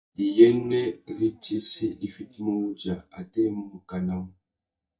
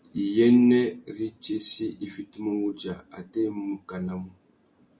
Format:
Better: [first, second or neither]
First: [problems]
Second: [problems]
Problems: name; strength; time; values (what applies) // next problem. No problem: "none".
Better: second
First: noise reduction (neural mask model DeepFilterNet 3)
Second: none